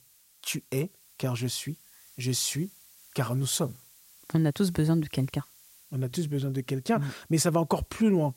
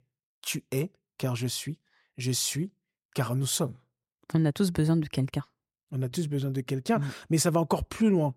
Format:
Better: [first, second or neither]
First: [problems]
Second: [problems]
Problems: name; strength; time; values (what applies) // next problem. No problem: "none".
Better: second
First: hiss; faint; throughout; 25 dB below the speech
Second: none